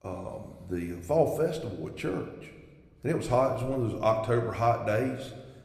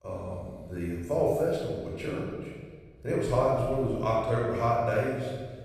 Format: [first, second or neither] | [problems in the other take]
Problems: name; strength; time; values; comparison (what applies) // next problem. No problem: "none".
first | room echo; strong; dies away in 1.4 s; slight in the first // off-mic speech; far